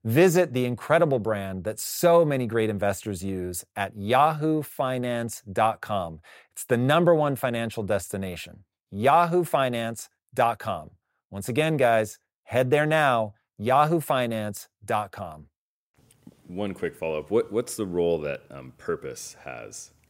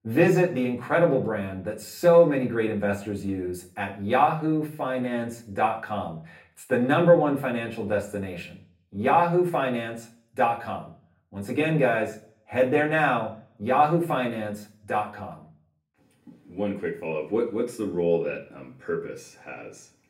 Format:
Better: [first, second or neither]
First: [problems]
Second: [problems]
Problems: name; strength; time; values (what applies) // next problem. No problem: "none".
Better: first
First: none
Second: room echo; slight; dies away in 0.4 s // off-mic speech; far